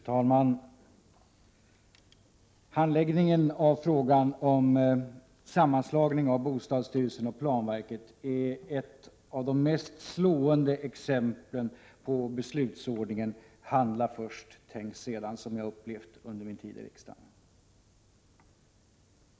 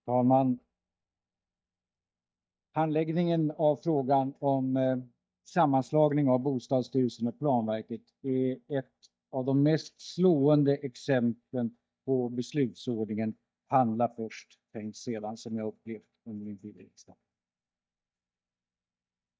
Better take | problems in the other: first | noise reduction (neural mask model DeepFilterNet 3)

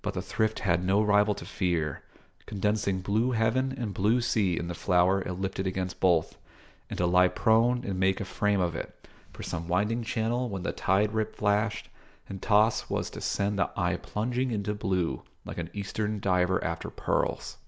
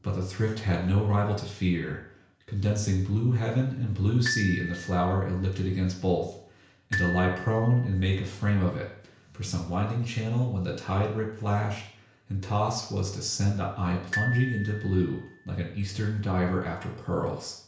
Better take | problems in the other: first | background sound (Glockenspiel); 11 dB below the speech // room echo; dies away in 0.5 s

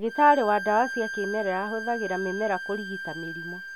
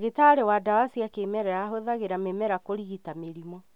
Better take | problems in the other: second | background sound (Bowed string instrument); 9 dB below the speech

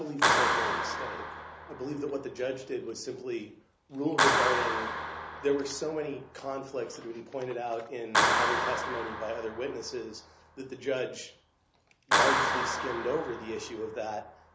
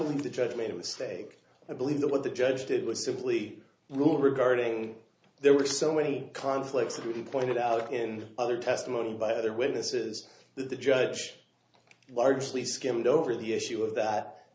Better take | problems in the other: second | background sound (Clapping); 3 dB above the speech

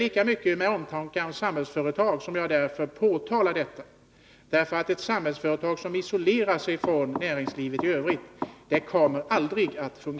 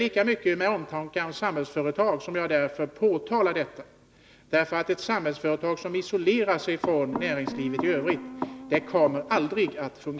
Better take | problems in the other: first | background sound (Guitar); 12 dB below the speech

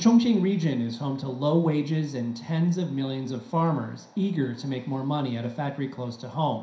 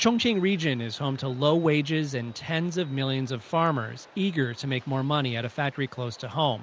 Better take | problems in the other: second | room echo; dies away in 0.5 s

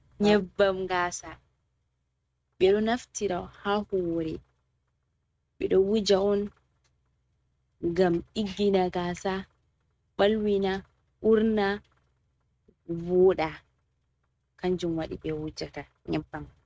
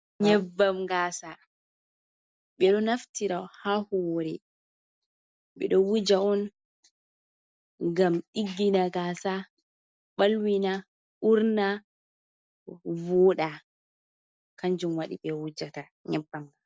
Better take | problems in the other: second | noise reduction (neural mask model RNNoise)

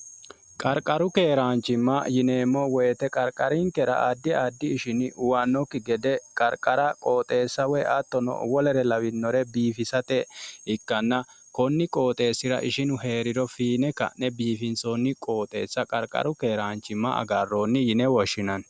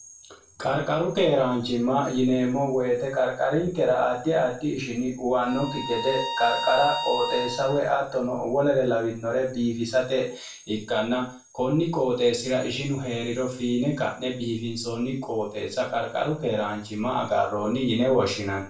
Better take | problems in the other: first | background sound (Bowed string instrument); 6 dB below the speech // room echo; dies away in 0.3 s

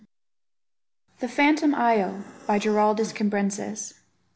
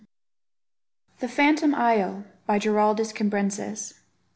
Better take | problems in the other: second | background sound (Breathing); 18 dB below the speech

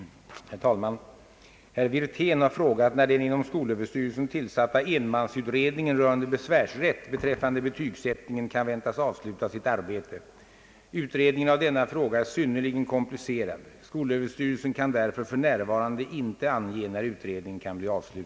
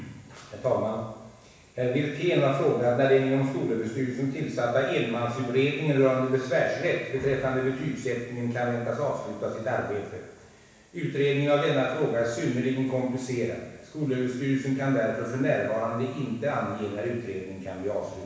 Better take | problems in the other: first | room echo; dies away in 1.1 s

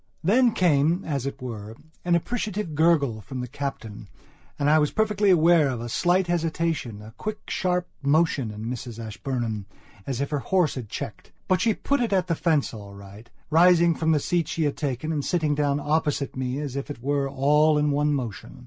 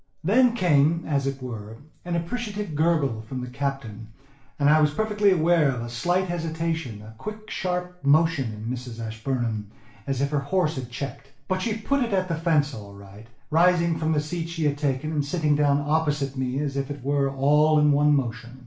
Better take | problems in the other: first | room echo; dies away in 0.4 s

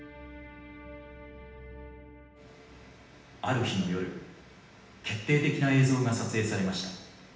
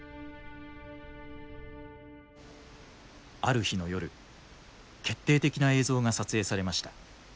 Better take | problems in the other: second | room echo; dies away in 0.9 s

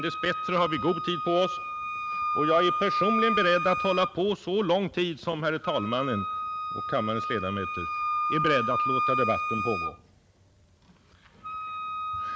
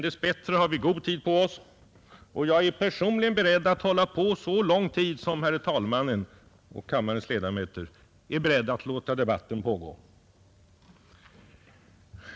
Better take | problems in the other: second | background sound (Wind instrument, woodwind instrument); 2 dB below the speech

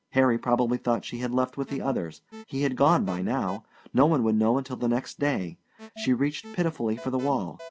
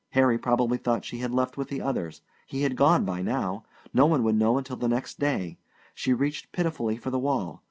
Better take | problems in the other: second | background sound (Alarm); 18 dB below the speech

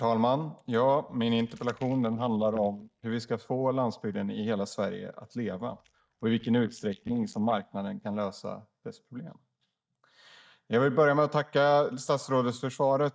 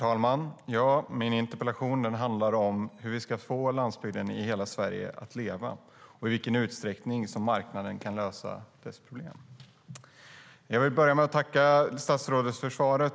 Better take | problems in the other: second | noise reduction (neural mask model DeepFilterNet 3)

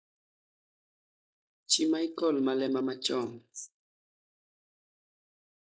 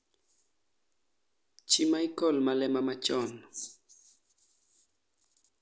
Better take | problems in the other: second | noise reduction (neural mask model Resemble Enhance denoiser)

